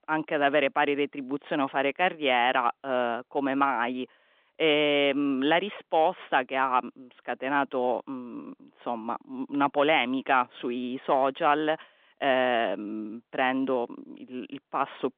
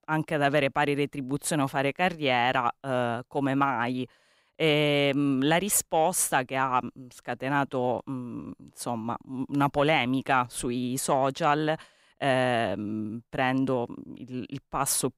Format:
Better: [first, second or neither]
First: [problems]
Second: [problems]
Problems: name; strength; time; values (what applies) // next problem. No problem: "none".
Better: second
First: phone-call audio; nothing above 3.5 kHz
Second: none